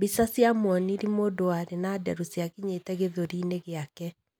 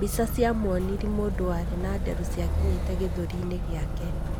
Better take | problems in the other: first | background sound (Motor vehicle (road)); 2 dB above the speech

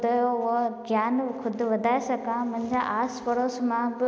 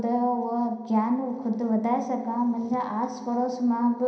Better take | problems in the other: first | room echo; dies away in 0.5 s

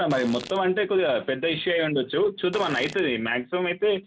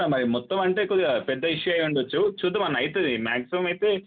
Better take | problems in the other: second | background sound (Fart); 17 dB below the speech

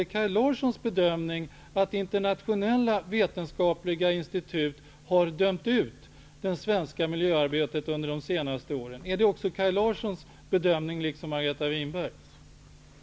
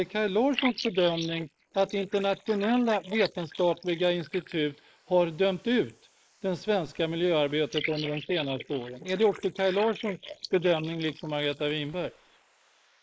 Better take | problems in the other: first | noise reduction (neural mask model Resemble Enhance denoiser)

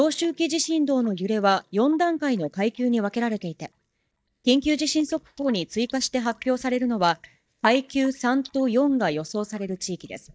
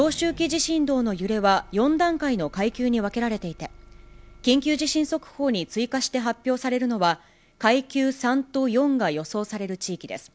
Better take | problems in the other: second | noise reduction (neural mask model DeepFilterNet 3)

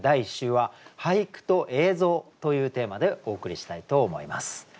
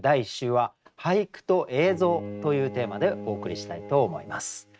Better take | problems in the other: first | noise reduction (neural mask model RNNoise)

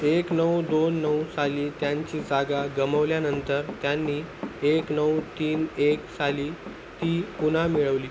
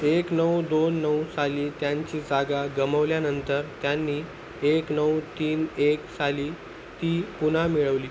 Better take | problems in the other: second | background sound (Run); 16 dB below the speech

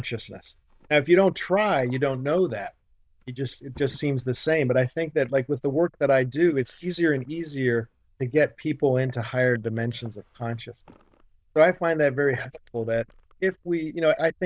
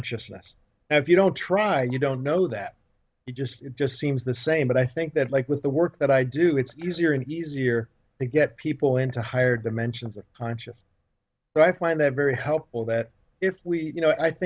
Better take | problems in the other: second | noise reduction (neural diffusion model UNIVERSE++)

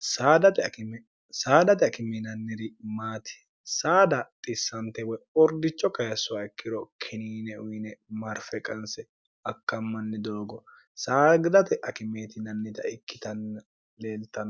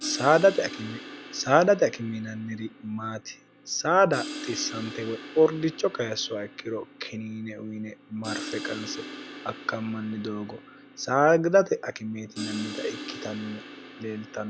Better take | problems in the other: first | background sound (Crash cymbal); 14 dB below the speech

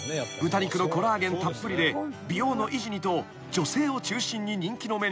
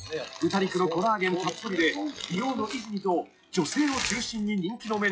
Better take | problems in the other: first | noise reduction (classical method WPE with log-MMSE)

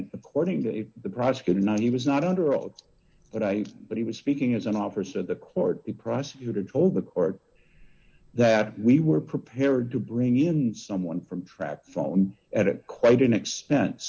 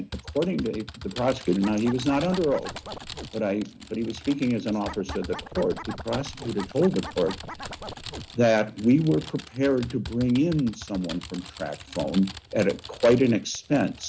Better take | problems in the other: first | background sound (Scratching (performance technique) + Typing); 14 dB below the speech

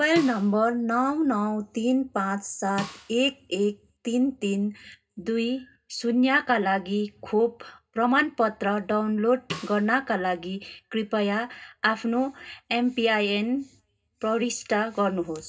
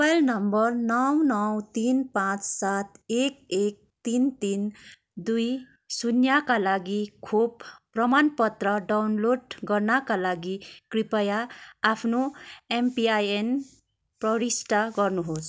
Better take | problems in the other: second | background sound (Snare drum); 17 dB below the speech // room echo; dies away in 0.2 s

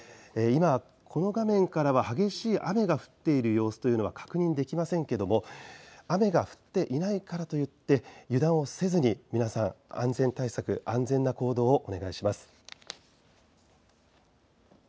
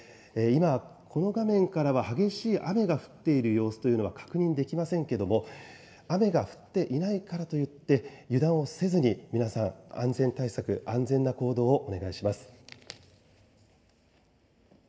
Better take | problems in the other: first | room echo; dies away in 1.8 s

